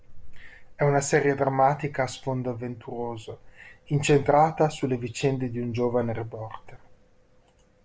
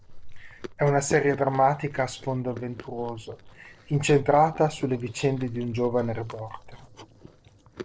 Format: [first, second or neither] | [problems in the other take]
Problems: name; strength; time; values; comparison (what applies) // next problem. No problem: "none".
first | noise reduction (neural separator model SepFormer DNS4)